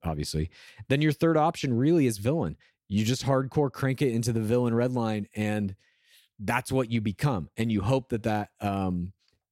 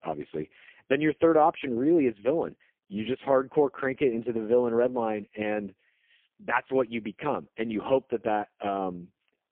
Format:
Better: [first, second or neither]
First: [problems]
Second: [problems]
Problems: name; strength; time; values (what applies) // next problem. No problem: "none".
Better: first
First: none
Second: phone-call audio; poor line; nothing above 3.5 kHz